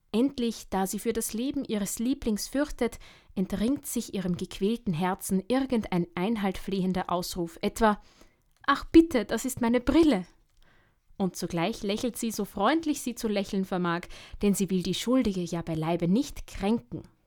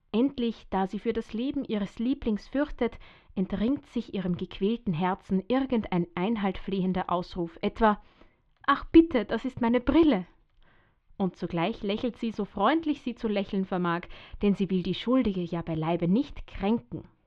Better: first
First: none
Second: muffled; very; fading above 3 kHz

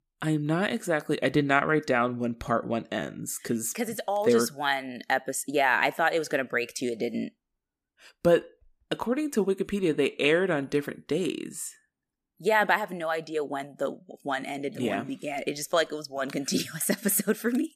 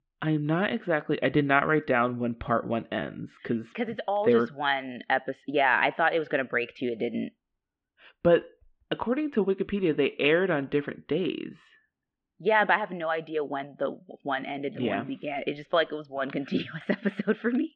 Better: first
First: none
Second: muffled; very; fading above 3.5 kHz

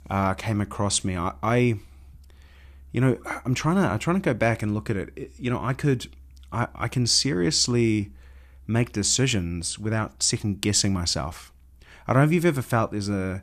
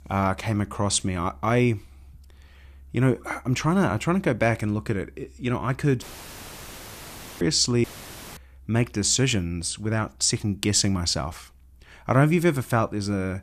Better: first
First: none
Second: audio cutting out; filled with static; at 6 s for 1.5 s and at 8 s for 0.5 s

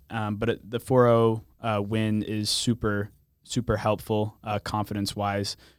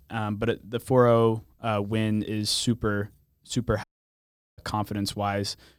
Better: first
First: none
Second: audio cutting out; at 4 s for 0.5 s

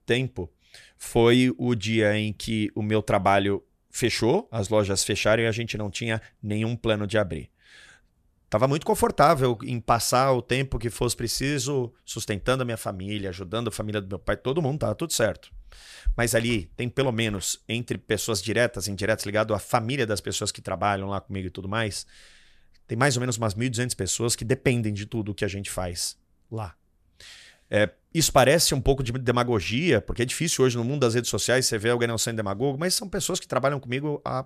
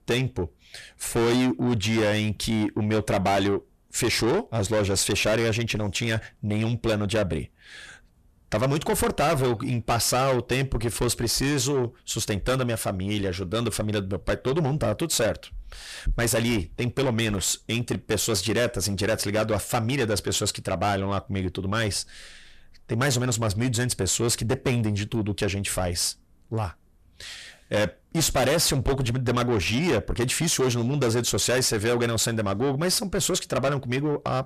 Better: first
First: none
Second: distortion; heavy; 6 dB below the speech

